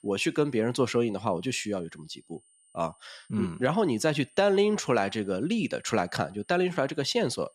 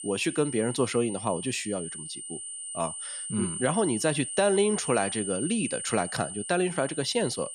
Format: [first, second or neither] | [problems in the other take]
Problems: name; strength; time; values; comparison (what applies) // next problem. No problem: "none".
first | high-pitched whine; loud; throughout; 9 kHz, 6 dB below the speech; faint in the first